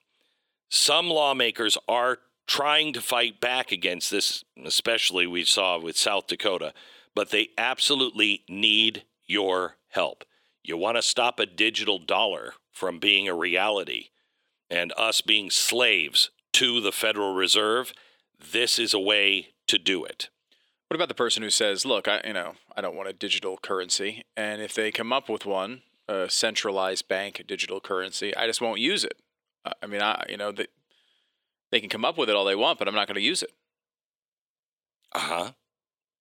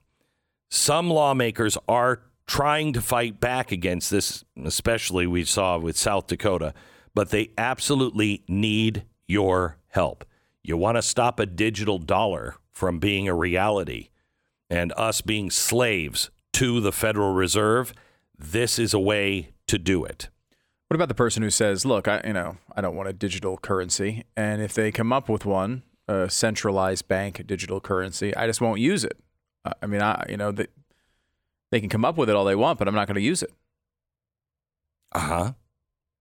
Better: second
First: thin; somewhat; fading below 350 Hz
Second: none

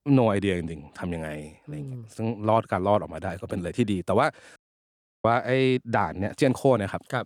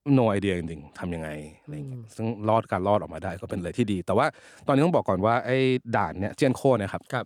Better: second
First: audio cutting out; at 4.5 s for 0.5 s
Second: none

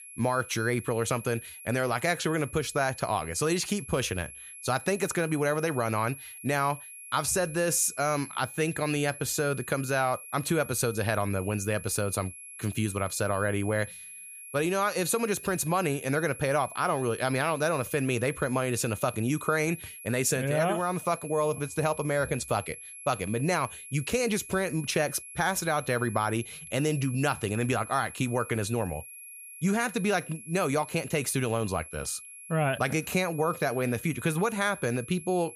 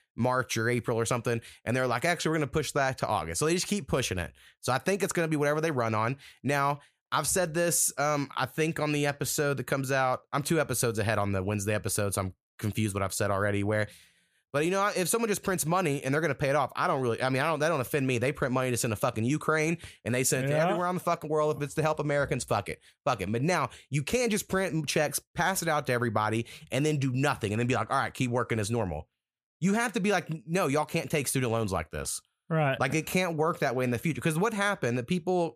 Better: second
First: high-pitched whine; noticeable; throughout; 11 kHz, 15 dB below the speech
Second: none

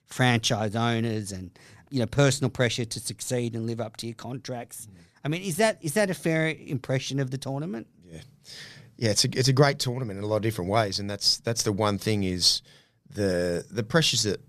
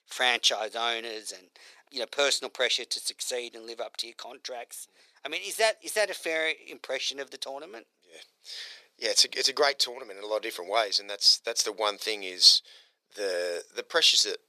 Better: first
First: none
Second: thin; very; fading below 450 Hz

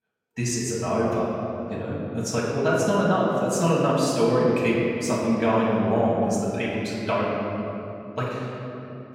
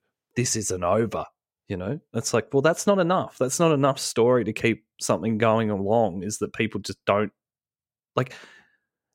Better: second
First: off-mic speech; far // room echo; strong; dies away in 2.9 s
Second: none

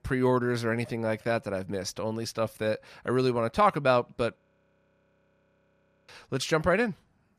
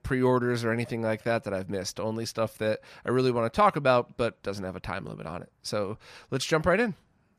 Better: second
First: audio freezing; at 4.5 s for 1.5 s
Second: none

